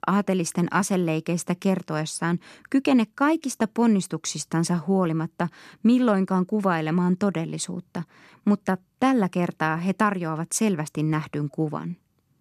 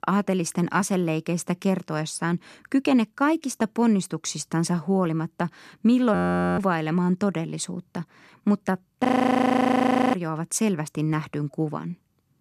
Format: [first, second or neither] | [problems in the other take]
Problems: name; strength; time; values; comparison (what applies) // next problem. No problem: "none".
first | audio freezing; at 6 s and at 9 s for 1 s